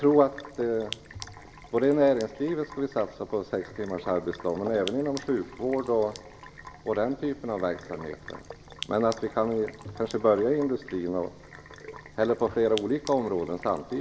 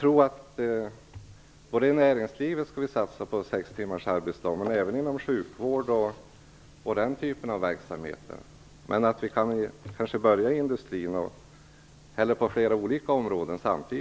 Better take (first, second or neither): second